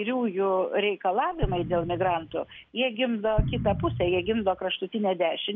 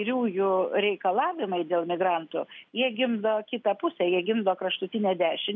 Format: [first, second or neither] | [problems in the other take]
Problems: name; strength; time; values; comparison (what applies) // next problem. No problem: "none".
second | background sound (Explosion); 7 dB below the speech